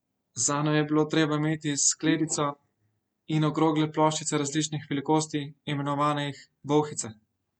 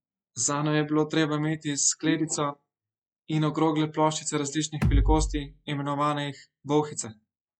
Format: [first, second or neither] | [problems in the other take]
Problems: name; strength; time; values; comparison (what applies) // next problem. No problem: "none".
first | noise reduction (classical method log-MMSE)